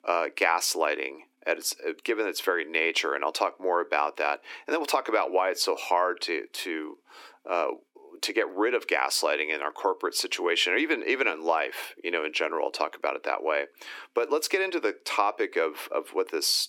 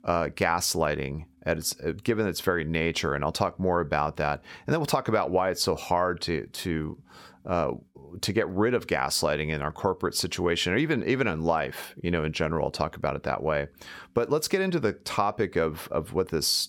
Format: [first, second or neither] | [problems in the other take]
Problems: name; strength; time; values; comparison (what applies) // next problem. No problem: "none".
second | thin; very; fading below 300 Hz